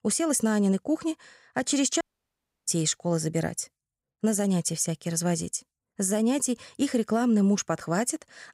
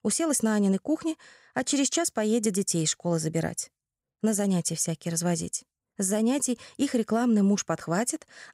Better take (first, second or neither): second